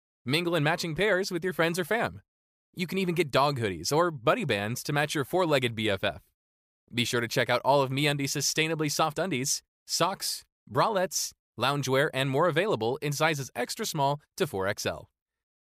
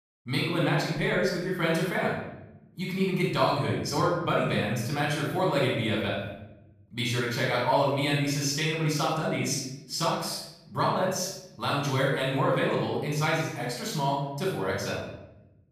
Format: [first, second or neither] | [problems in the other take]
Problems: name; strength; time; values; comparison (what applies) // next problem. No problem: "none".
first | off-mic speech; far // room echo; noticeable; dies away in 0.9 s